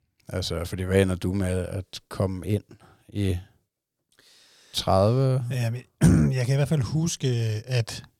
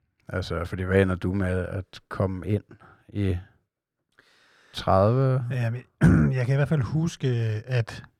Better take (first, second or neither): first